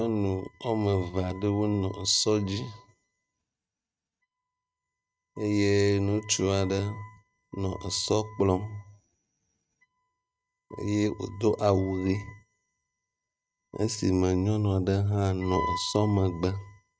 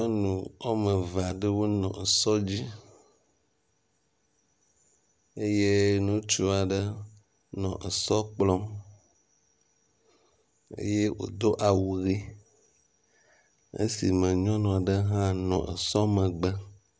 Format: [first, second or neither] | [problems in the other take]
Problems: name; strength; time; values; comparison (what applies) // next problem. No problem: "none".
second | noise reduction (neural mask model RNNoise)